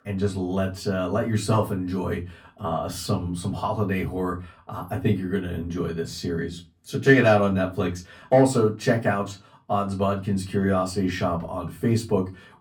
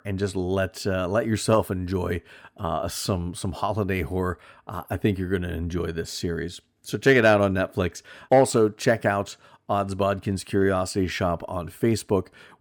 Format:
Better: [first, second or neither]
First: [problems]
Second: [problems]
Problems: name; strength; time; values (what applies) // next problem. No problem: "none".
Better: second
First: off-mic speech; far // room echo; very slight; dies away in 0.2 s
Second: none